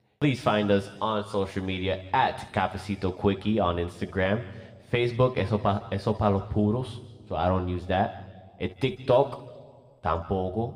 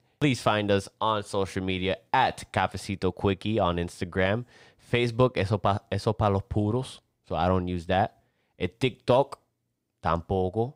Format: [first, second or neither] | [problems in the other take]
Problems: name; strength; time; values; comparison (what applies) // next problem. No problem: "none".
second | room echo; slight; dies away in 1.3 s